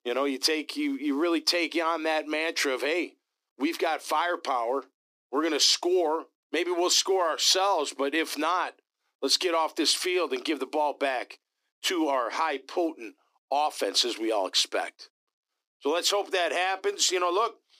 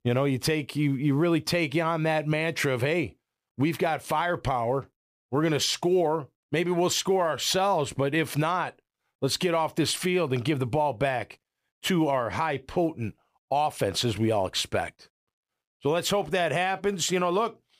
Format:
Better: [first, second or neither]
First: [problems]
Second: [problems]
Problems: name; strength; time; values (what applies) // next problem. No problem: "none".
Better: second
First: thin; very slightly; fading below 250 Hz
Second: none